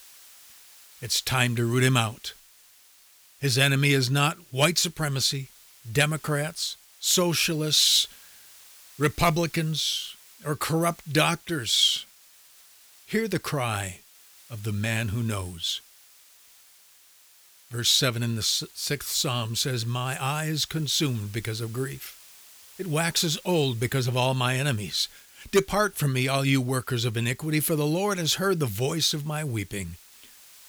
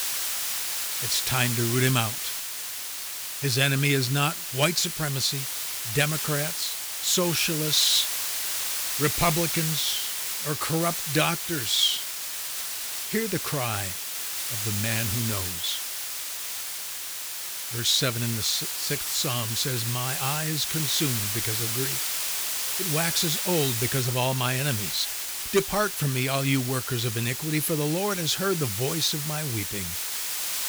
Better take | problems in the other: first | hiss; loud; throughout; 2 dB below the speech; faint in the first

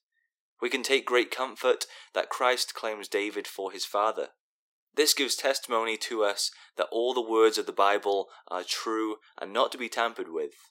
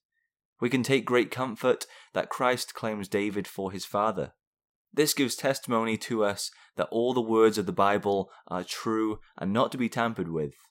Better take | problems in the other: second | thin; somewhat; fading below 350 Hz

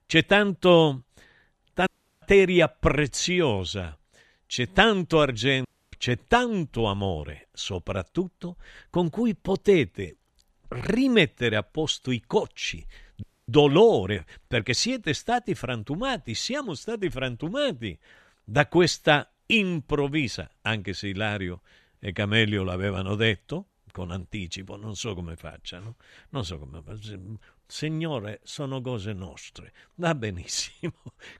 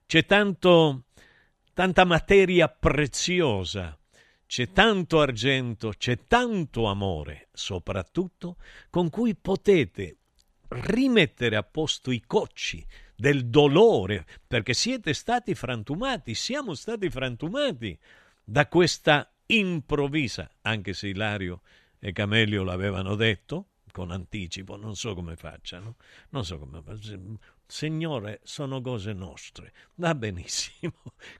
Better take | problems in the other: second | audio cutting out; at 2 s, at 5.5 s and at 13 s

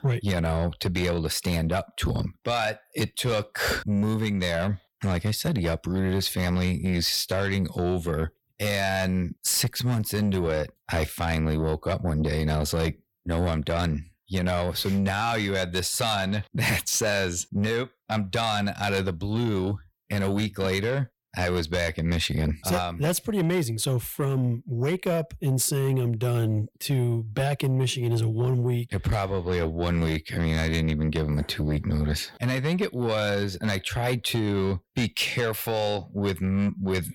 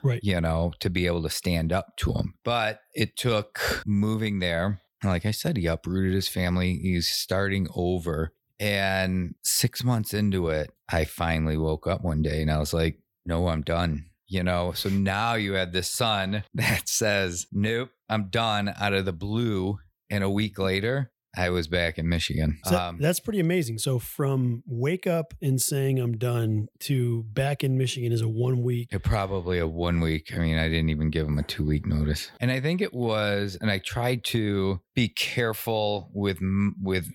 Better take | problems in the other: second | distortion; slight; 10 dB below the speech

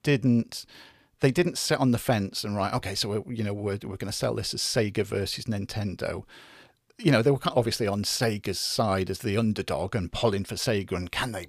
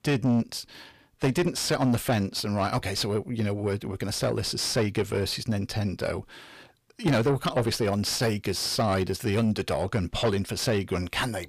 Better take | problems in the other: first | distortion; slight; 10 dB below the speech

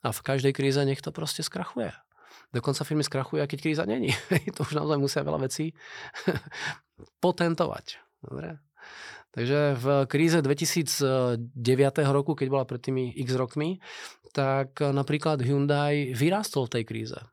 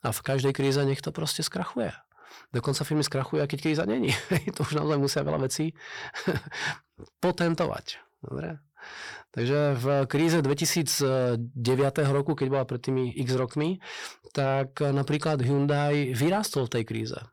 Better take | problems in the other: first | distortion; slight; 10 dB below the speech

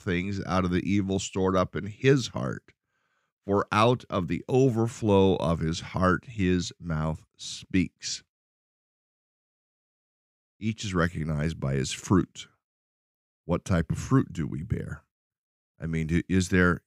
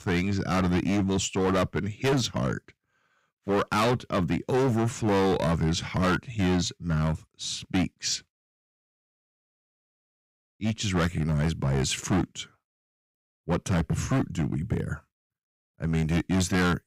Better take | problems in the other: first | distortion; heavy; 11% of the sound clipped

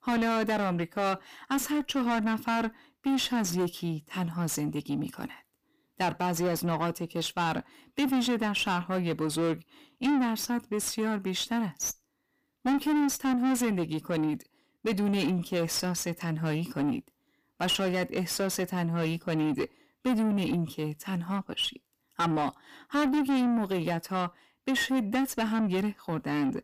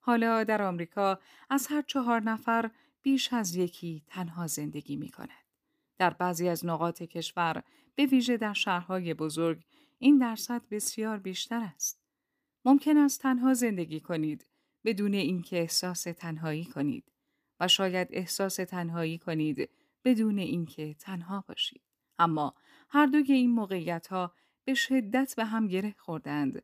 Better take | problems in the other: second | distortion; heavy; 6 dB below the speech

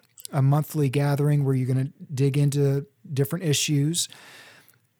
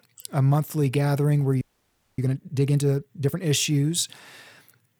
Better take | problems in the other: first | audio freezing; at 1.5 s for 0.5 s

